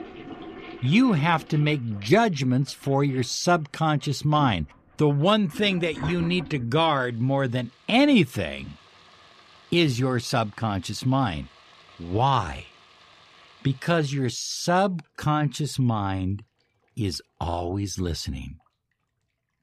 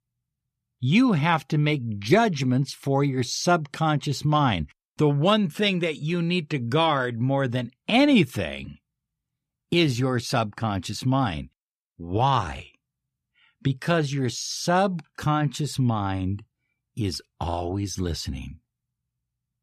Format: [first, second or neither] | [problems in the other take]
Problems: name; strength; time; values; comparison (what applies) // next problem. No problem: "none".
second | household noises; faint; throughout; 20 dB below the speech